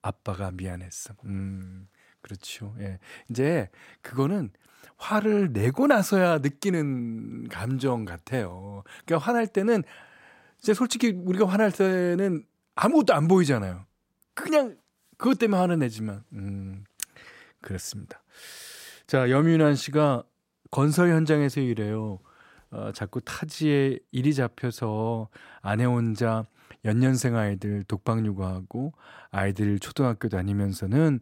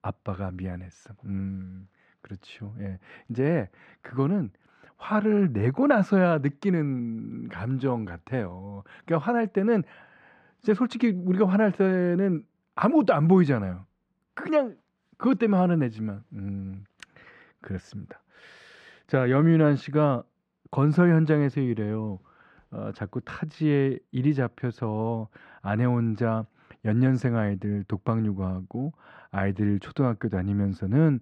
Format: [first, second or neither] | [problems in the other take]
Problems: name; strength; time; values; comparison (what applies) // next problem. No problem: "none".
first | muffled; slightly; fading above 2.5 kHz